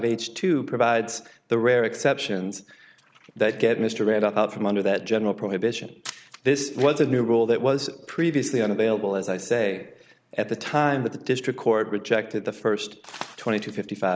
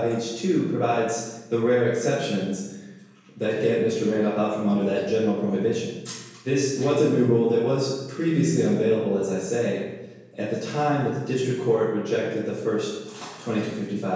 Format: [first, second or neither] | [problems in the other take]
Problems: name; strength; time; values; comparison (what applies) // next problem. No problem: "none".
first | room echo; dies away in 1 s